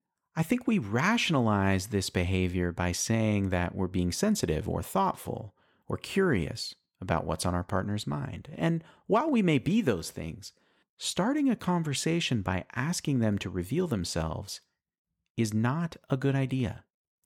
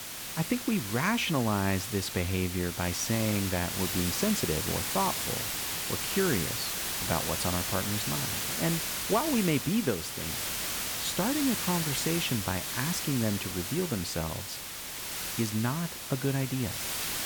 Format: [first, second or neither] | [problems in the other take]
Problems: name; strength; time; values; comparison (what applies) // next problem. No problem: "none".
first | hiss; loud; throughout; 1 dB below the speech